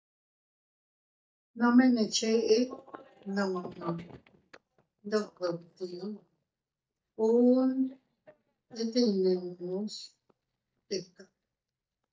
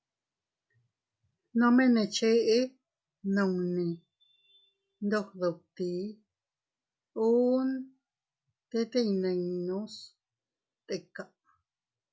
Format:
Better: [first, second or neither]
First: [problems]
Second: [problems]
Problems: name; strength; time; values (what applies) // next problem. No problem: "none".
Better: second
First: noise reduction (neural mask model DeepFilterNet 3)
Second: none